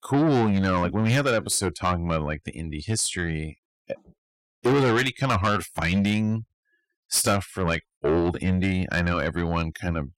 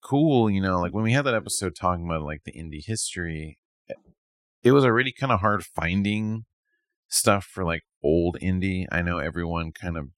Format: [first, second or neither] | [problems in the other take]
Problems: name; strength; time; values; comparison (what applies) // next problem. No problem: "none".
second | distortion; heavy; 7 dB below the speech